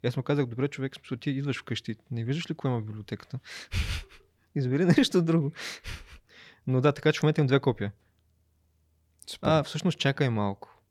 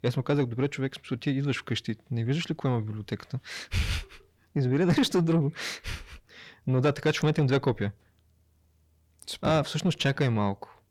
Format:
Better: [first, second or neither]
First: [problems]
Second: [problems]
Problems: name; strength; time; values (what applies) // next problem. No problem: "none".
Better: first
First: none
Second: distortion; slight; 10 dB below the speech